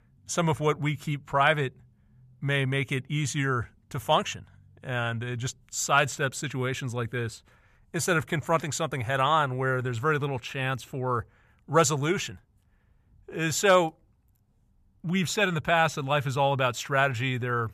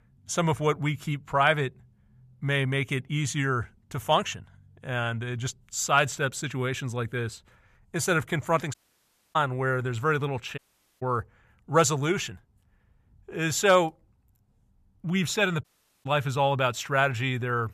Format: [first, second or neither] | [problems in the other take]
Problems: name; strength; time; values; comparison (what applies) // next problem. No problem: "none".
first | audio cutting out; at 8.5 s for 0.5 s, at 11 s and at 16 s